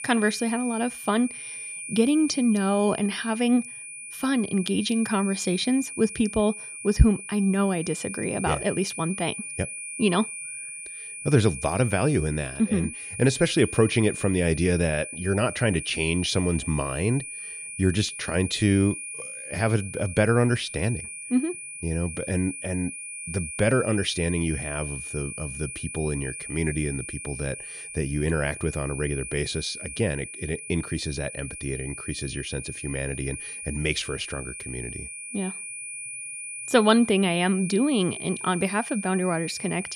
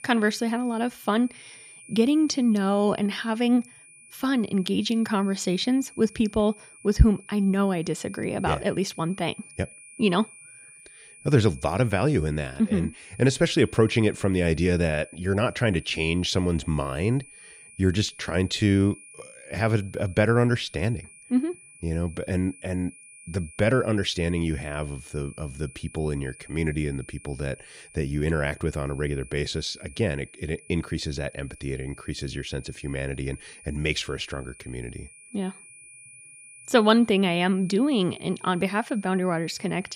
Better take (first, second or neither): second